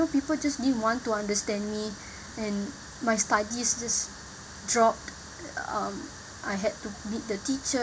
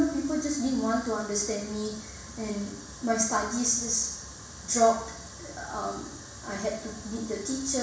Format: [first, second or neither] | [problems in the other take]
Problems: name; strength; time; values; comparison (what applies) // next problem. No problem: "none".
first | room echo; dies away in 0.7 s